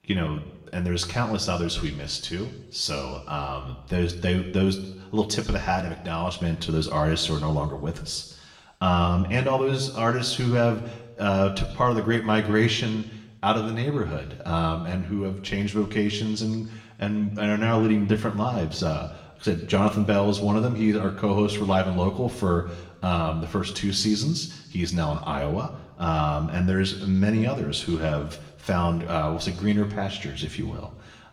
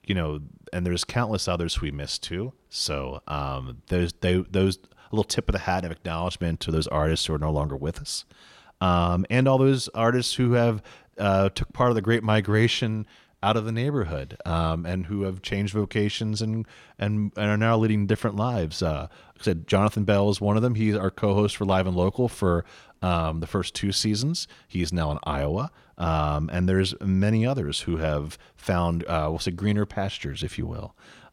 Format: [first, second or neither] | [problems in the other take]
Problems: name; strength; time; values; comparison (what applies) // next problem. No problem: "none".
second | room echo; slight; dies away in 0.9 s // off-mic speech; somewhat distant